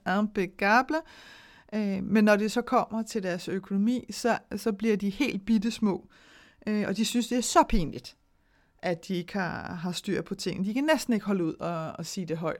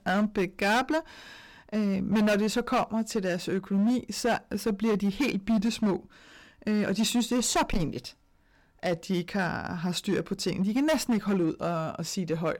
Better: first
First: none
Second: distortion; heavy; 9% of the sound clipped

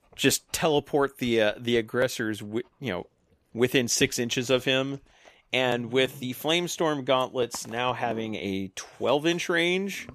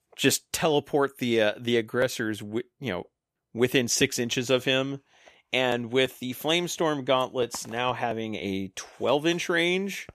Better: second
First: animal sounds; faint; throughout; 25 dB below the speech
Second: none

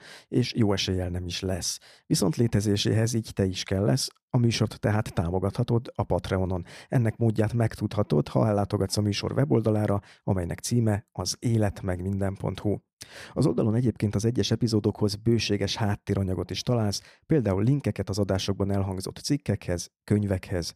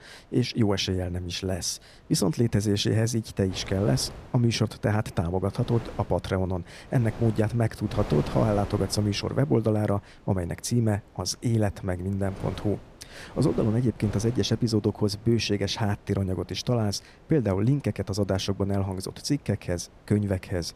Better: first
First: none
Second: wind noise on the microphone; occasional gusts; 15 dB below the speech

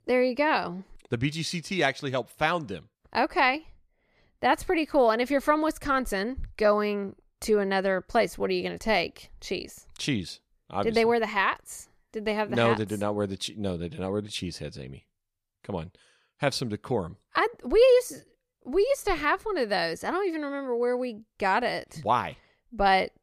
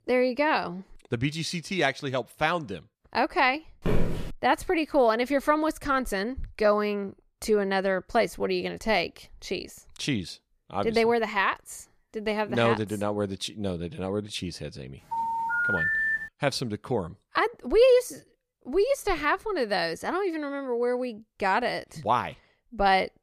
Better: first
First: none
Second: footsteps; noticeable; at 4 s; peak 2 dB below the speech // phone ringing; loud; from 15 to 16 s; peak 3 dB above the speech

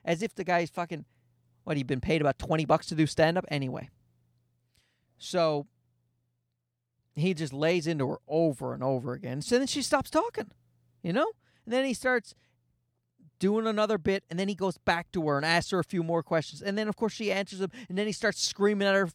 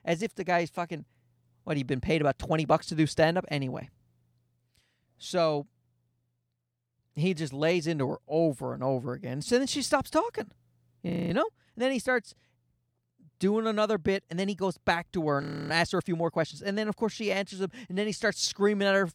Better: first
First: none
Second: audio freezing; at 11 s and at 15 s

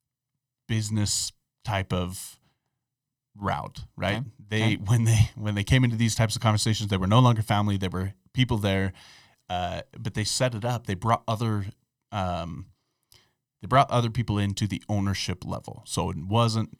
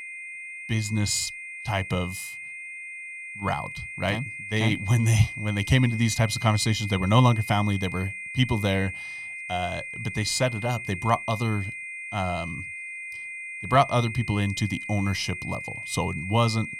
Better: first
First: none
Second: high-pitched whine; loud; throughout; 2 kHz, 9 dB below the speech

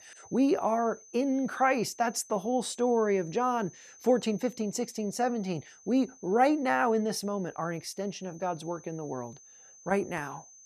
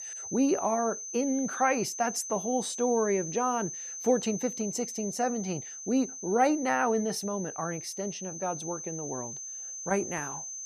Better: first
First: high-pitched whine; faint; throughout; 6 kHz, 20 dB below the speech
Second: high-pitched whine; loud; throughout; 6 kHz, 7 dB below the speech

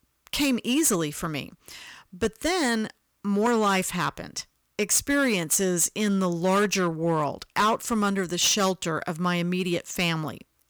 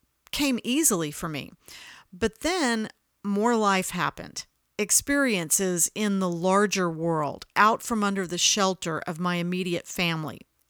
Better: second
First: distortion; slight; 5% of the sound clipped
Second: none

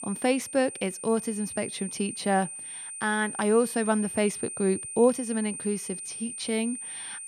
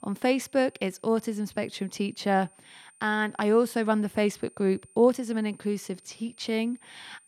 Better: second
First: high-pitched whine; loud; throughout; 9 kHz, 8 dB below the speech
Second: high-pitched whine; faint; throughout; 9 kHz, 25 dB below the speech

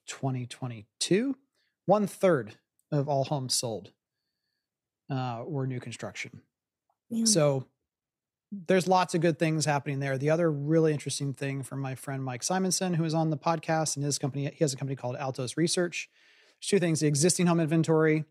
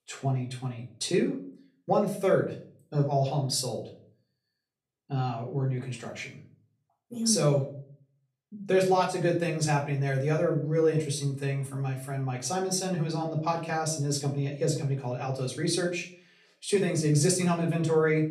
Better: first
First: none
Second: off-mic speech; far // room echo; slight; dies away in 0.4 s

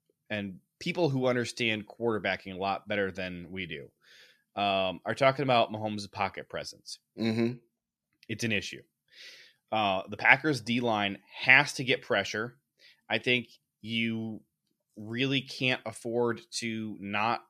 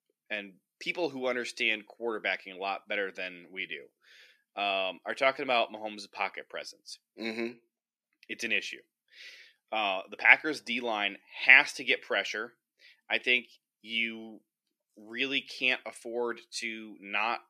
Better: first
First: none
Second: thin; somewhat; fading below 300 Hz

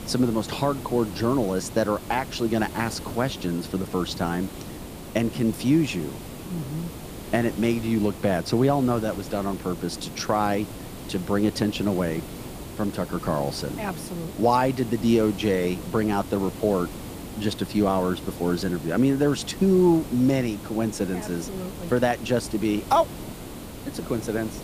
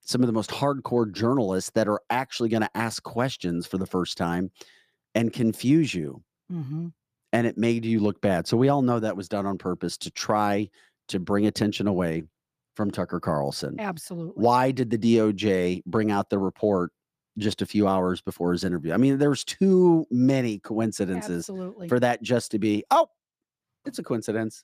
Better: second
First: hiss; noticeable; throughout; 10 dB below the speech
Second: none

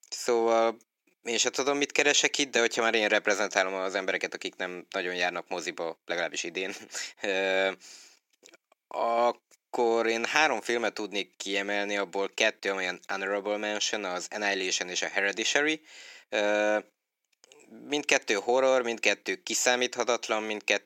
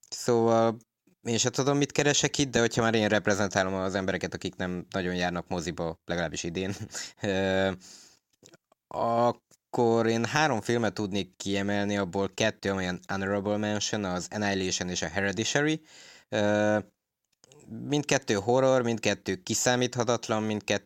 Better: second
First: thin; somewhat; fading below 350 Hz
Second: none

